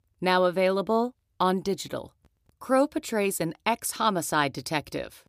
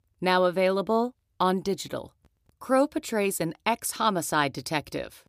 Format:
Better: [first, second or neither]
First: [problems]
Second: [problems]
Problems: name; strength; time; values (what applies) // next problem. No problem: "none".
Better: neither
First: none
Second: none